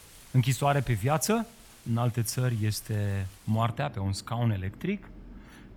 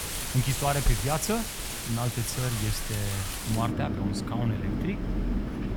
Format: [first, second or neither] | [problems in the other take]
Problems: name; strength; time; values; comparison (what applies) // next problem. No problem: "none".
first | wind in the background; loud; throughout; 1 dB below the speech; faint in the first